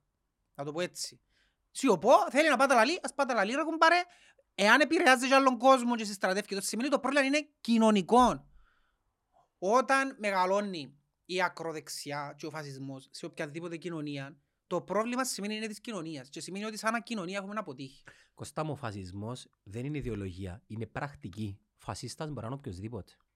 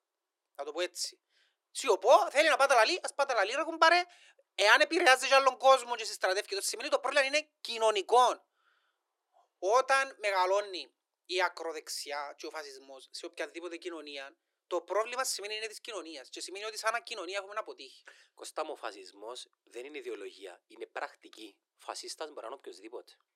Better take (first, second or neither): first